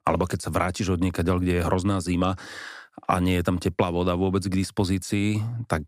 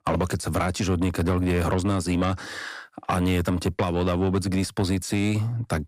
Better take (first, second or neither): first